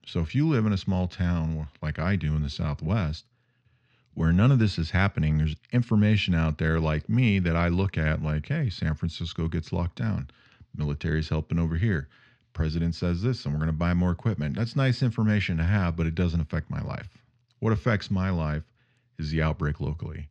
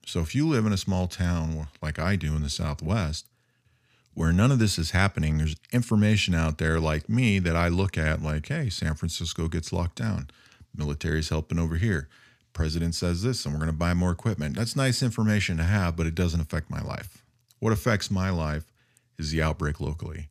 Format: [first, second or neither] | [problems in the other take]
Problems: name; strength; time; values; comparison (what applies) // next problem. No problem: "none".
second | muffled; very slightly; fading above 4 kHz